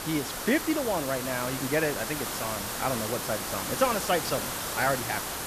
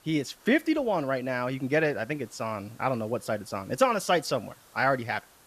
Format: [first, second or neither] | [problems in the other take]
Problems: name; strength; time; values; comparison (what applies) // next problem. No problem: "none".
second | hiss; loud; throughout; 2 dB below the speech; faint in the second